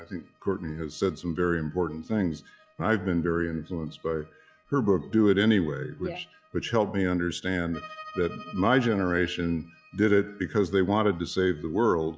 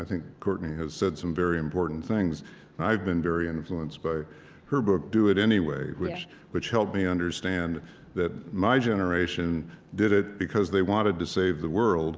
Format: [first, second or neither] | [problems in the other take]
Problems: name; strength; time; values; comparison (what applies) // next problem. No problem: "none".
second | noise reduction (classical method log-MMSE)